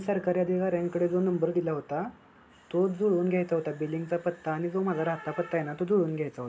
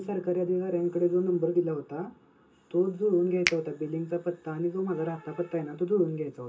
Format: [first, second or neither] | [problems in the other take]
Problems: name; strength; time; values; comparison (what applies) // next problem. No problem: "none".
first | background sound (Finger snapping); 10 dB below the speech // room echo; dies away in 0.2 s